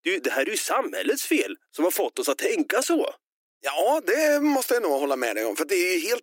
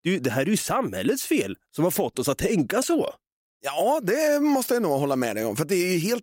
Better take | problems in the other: second | thin; very slightly; fading below 300 Hz

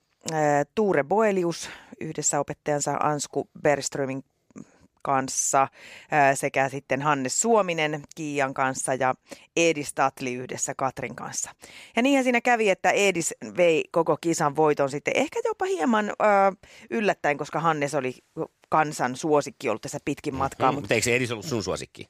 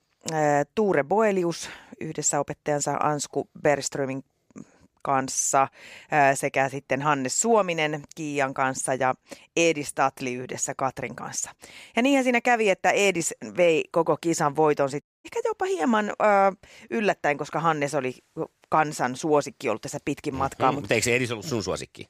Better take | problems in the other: first | audio cutting out; at 15 s

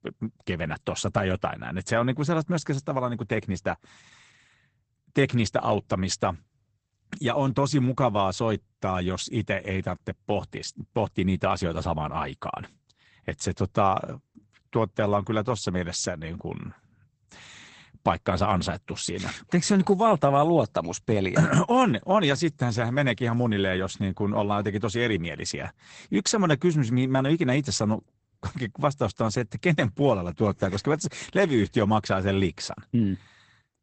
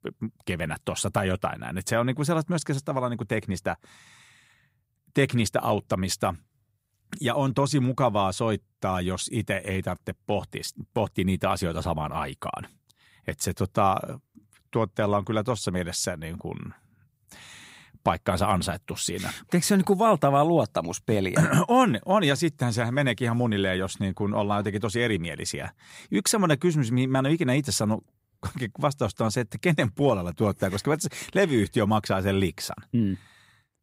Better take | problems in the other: second | garbled, watery; badly; nothing above 8 kHz

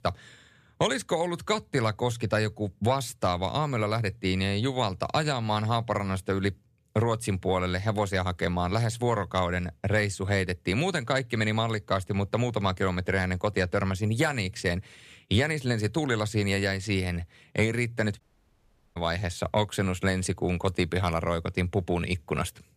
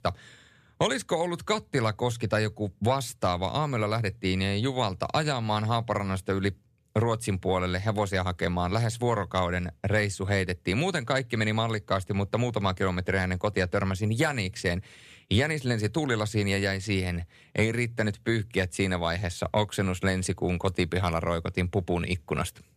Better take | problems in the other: second | audio cutting out; at 18 s for 1 s

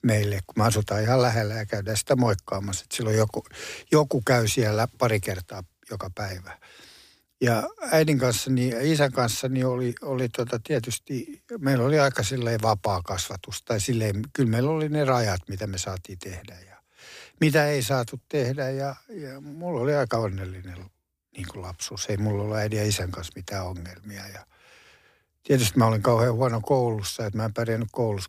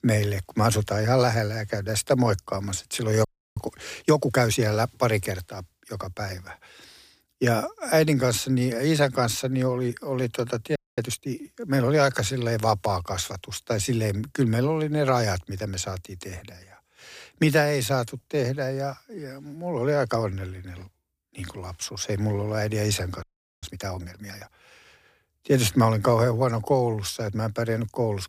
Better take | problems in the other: first | audio freezing; at 3.5 s, at 11 s and at 23 s

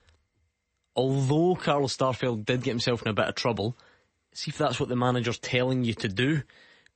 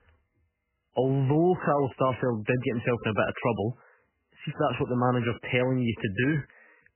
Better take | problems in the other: first | garbled, watery; badly; nothing above 3 kHz; slightly in the first

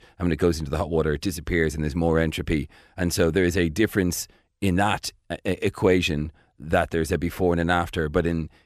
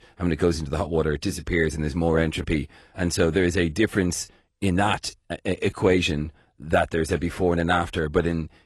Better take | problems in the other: first | garbled, watery; slightly; nothing above 11.5 kHz

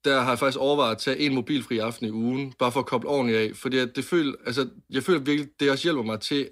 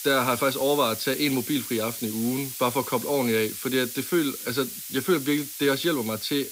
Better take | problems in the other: first | hiss; loud; throughout; 8 dB below the speech

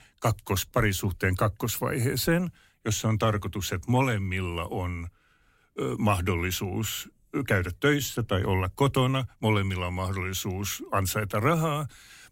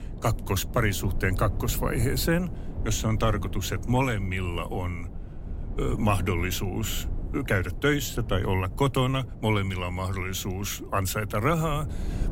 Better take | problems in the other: first | low rumble; noticeable; throughout; 20 dB below the speech

